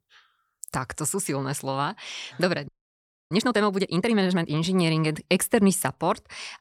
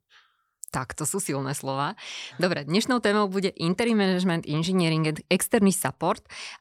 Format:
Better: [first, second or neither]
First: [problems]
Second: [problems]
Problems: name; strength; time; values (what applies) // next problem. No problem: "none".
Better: second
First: audio freezing; at 2.5 s for 0.5 s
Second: none